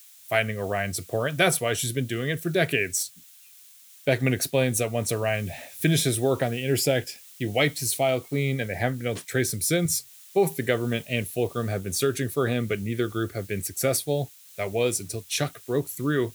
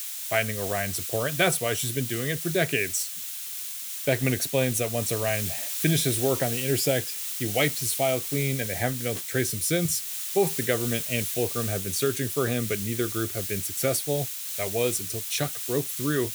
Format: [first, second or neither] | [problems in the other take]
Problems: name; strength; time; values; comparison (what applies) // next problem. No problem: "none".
first | hiss; loud; throughout; 3 dB below the speech; faint in the first